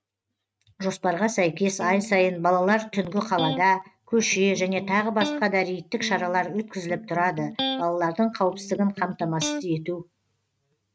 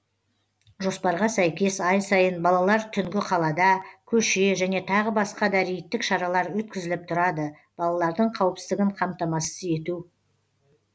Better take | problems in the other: second | noise reduction (neural mask model RNNoise)

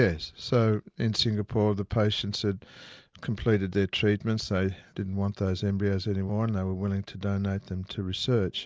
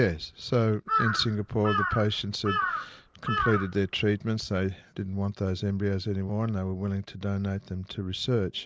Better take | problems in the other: first | background sound (Bird vocalization, bird call, bird song / Crow); 3 dB below the speech

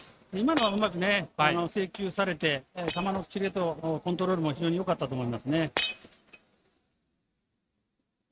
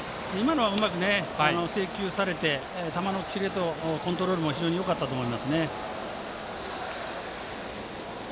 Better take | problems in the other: second | noise reduction (neural mask model RNNoise)

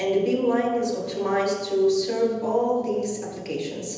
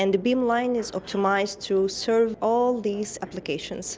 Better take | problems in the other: second | room echo; dies away in 1.1 s

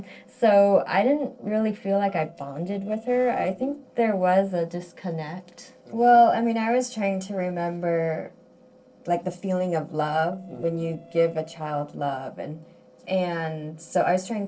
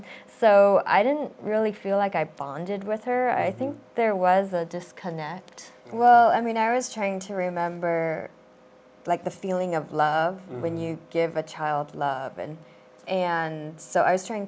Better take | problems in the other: second | noise reduction (neural separator model SepFormer DNS4)

